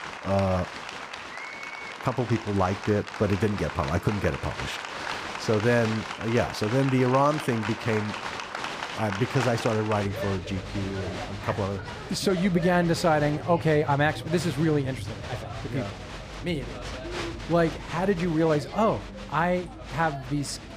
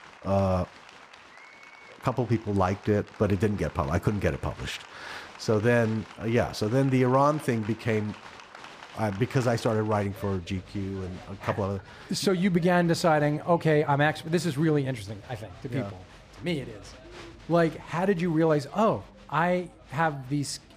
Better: second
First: crowd noise; loud; throughout; 9 dB below the speech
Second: crowd noise; faint; throughout; 20 dB below the speech

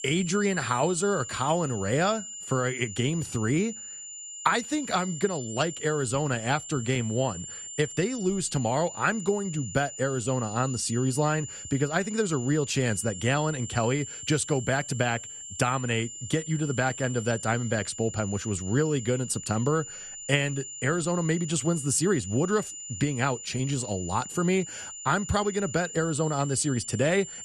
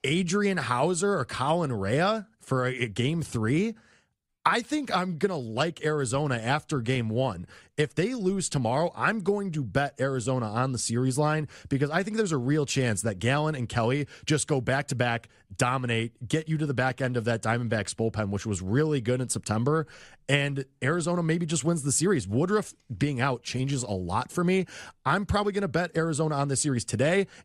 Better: second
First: high-pitched whine; loud; throughout; 7 kHz, 10 dB below the speech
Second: none

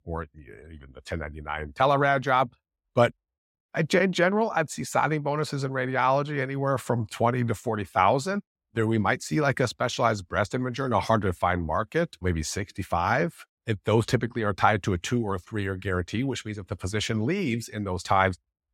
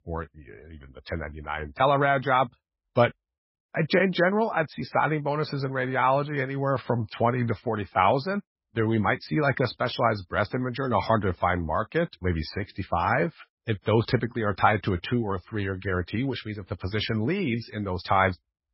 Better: first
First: none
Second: garbled, watery; badly; nothing above 5.5 kHz

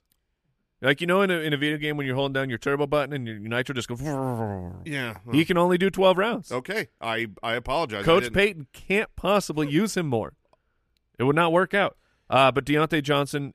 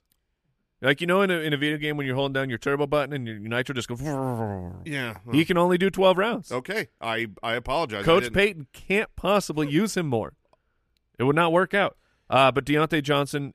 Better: neither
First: none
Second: none

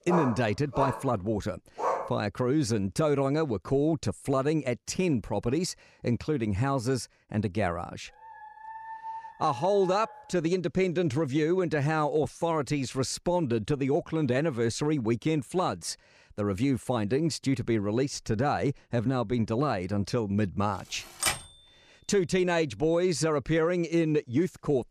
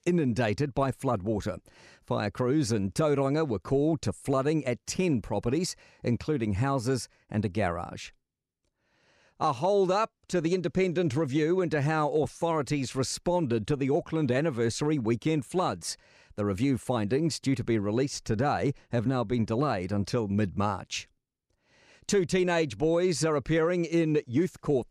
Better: second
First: dog barking; noticeable; until 2 s; peak 2 dB below the speech // dog barking; faint; from 8 to 10 s; peak 10 dB below the speech // keyboard typing; noticeable; at 21 s; peak level with the speech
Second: none

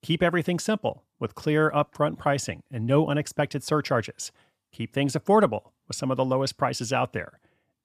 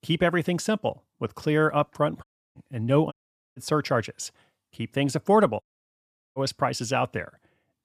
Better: first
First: none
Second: audio cutting out; at 2 s, at 3 s and at 5.5 s for 0.5 s

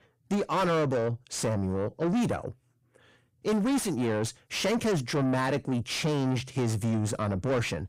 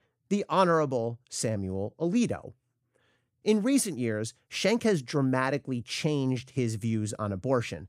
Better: second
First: distortion; heavy; 7 dB below the speech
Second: none

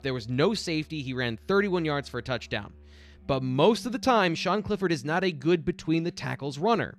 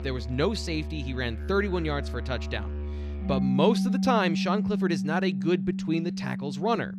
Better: first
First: background music; faint; throughout; 25 dB below the speech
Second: background music; loud; throughout; 2 dB below the speech

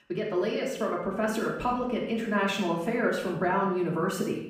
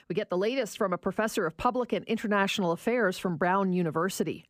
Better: second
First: off-mic speech; far // room echo; noticeable; dies away in 0.7 s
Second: none

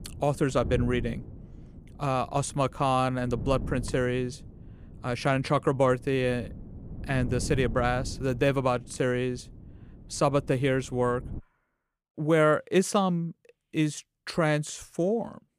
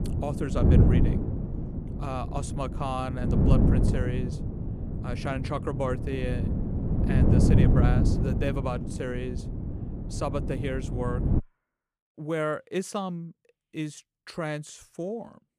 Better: first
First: wind noise on the microphone; occasional gusts; until 11 s; 20 dB below the speech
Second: wind noise on the microphone; heavy; until 11 s; 2 dB below the speech

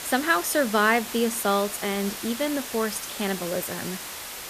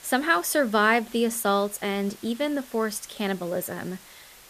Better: second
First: hiss; loud; throughout; 8 dB below the speech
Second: hiss; faint; throughout; 20 dB below the speech

